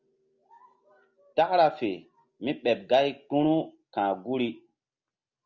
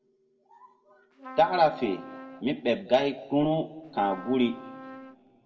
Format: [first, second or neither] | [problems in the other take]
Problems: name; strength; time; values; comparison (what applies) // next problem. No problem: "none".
first | background sound (Trumpet); 16 dB below the speech // room echo; dies away in 1.8 s